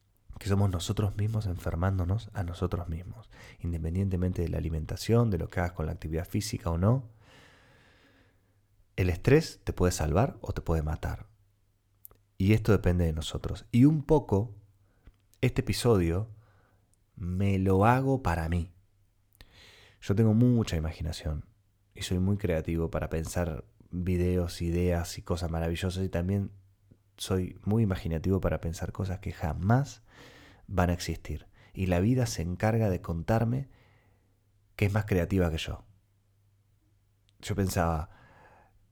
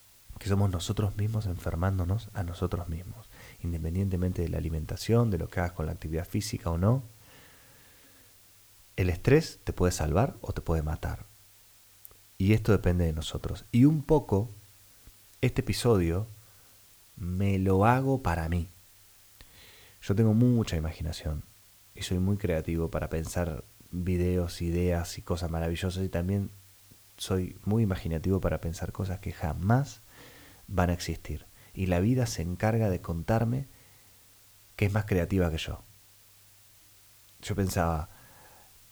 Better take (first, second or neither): first